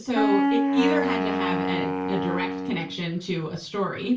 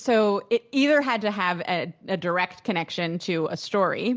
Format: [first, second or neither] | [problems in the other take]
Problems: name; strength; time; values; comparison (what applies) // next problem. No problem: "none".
second | background sound (Wind instrument, woodwind instrument); 2 dB above the speech // room echo; dies away in 0.3 s